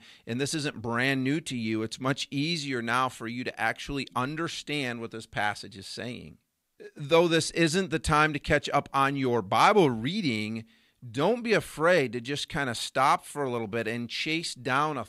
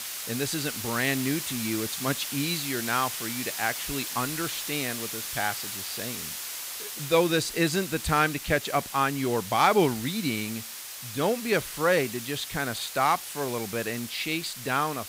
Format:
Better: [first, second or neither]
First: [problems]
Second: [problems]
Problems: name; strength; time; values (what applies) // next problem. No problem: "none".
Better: first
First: none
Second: hiss; loud; throughout; 6 dB below the speech